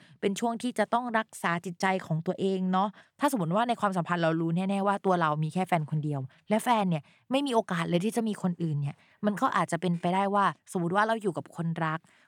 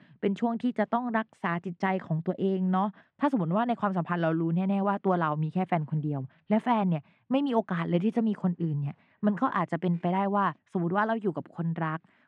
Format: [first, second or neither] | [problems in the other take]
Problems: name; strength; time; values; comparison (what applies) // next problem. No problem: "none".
first | muffled; slightly; fading above 2.5 kHz